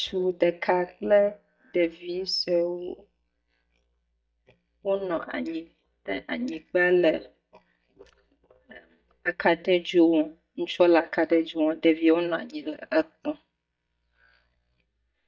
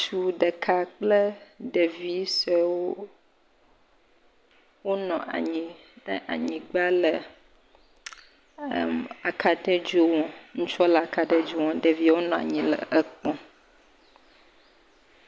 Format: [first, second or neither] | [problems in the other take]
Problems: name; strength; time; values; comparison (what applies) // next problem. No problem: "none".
second | noise reduction (neural mask model DeepFilterNet 3)